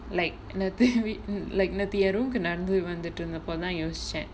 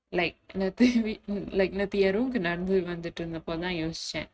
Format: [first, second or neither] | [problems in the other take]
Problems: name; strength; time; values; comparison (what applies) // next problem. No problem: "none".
first | noise reduction (neural mask model RNNoise)